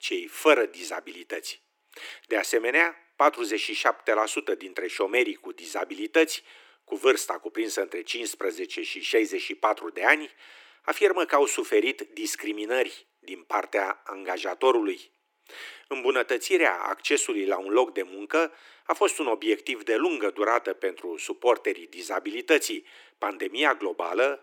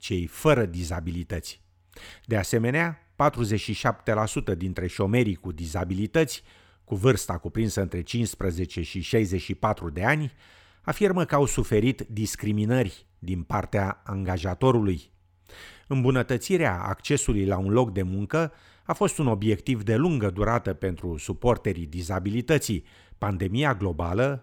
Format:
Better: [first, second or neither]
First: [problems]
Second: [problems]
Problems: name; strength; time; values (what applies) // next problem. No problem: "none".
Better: second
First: thin; very; fading below 300 Hz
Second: none